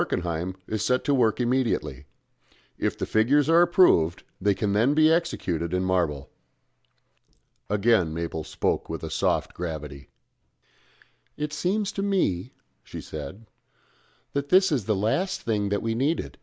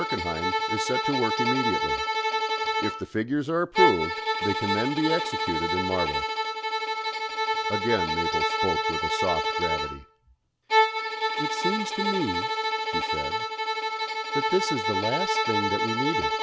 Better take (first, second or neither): first